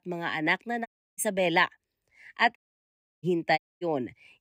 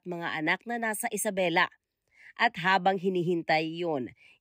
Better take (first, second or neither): second